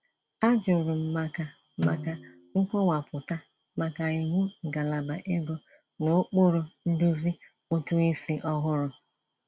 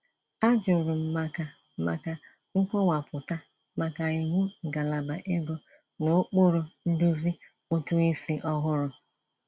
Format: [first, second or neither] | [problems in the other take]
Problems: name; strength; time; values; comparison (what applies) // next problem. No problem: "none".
second | background sound (Snare drum); 10 dB below the speech